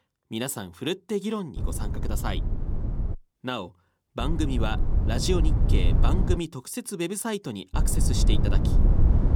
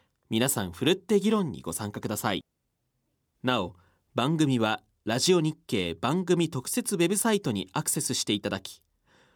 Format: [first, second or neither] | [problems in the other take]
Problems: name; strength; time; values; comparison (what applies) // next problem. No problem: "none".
second | low rumble; loud; from 1.5 to 3 s, from 4 to 6.5 s and from 7.5 s on; 6 dB below the speech